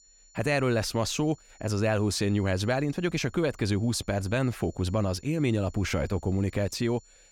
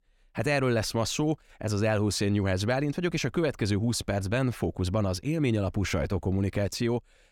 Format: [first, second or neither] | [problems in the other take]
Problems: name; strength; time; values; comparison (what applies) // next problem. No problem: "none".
second | high-pitched whine; faint; throughout; 7 kHz, 30 dB below the speech